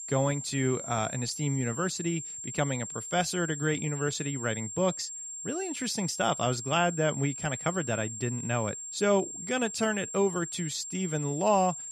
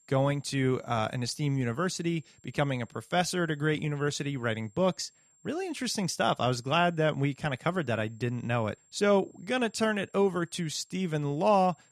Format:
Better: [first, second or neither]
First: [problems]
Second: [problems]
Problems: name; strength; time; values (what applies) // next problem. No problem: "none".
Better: second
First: high-pitched whine; loud; throughout; 7.5 kHz, 7 dB below the speech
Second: high-pitched whine; faint; throughout; 7.5 kHz, 30 dB below the speech